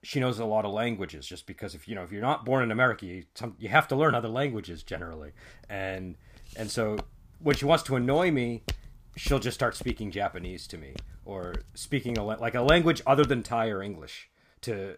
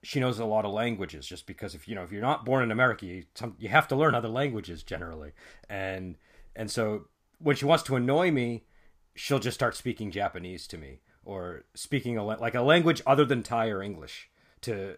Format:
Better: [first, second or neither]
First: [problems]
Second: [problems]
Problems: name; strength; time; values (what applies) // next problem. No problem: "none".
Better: second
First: footsteps; faint; from 7 to 13 s; peak 10 dB below the speech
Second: none